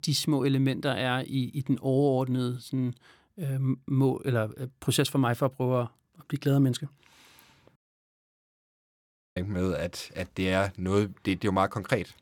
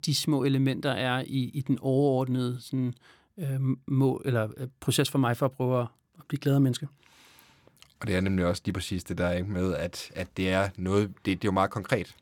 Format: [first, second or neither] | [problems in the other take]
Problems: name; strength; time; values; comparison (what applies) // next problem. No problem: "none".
second | audio cutting out; at 8 s for 1.5 s